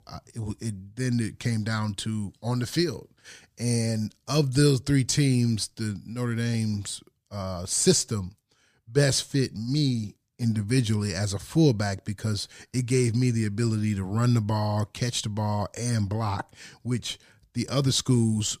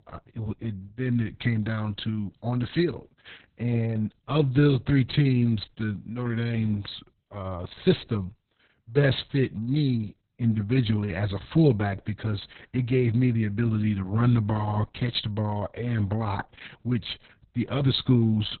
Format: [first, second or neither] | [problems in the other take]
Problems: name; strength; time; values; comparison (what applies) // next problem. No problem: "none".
first | garbled, watery; badly; nothing above 4 kHz